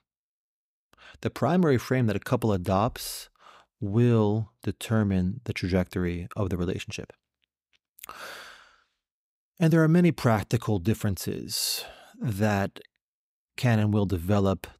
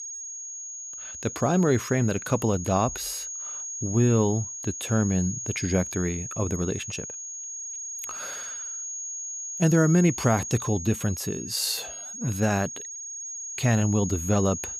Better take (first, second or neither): first